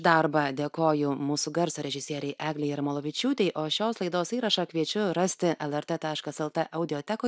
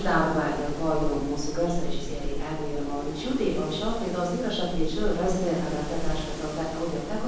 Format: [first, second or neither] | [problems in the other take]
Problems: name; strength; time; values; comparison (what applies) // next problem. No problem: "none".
first | background sound (Wind); 2 dB below the speech // room echo; dies away in 1.1 s